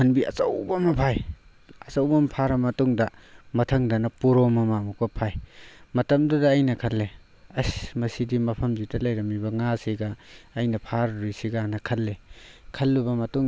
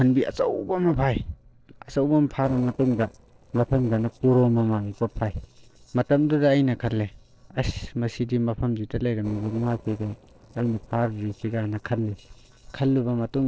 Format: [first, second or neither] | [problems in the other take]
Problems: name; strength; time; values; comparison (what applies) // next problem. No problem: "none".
first | noise reduction (neural separator model SepFormer DNS4)